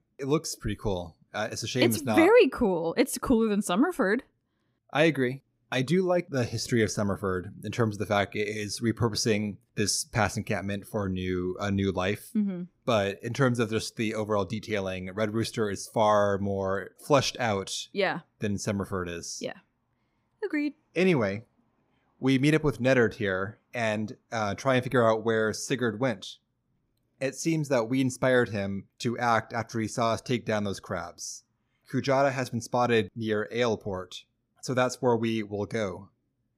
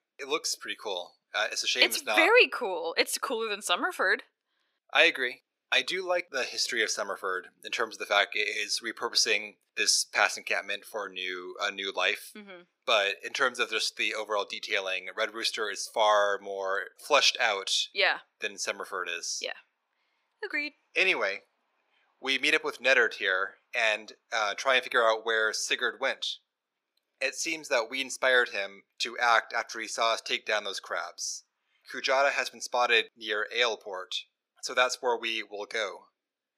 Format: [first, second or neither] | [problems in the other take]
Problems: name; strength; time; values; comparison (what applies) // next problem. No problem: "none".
first | thin; very; fading below 500 Hz